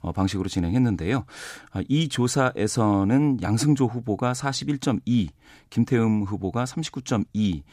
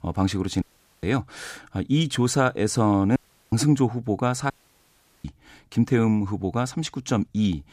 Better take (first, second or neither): first